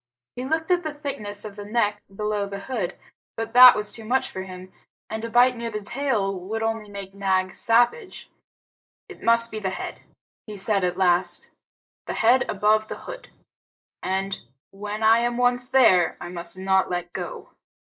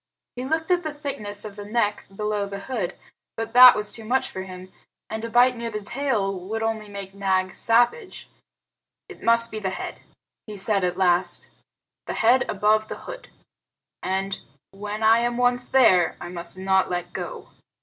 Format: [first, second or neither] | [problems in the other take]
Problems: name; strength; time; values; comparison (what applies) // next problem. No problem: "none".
second | noise reduction (neural mask model Resemble Enhance denoiser)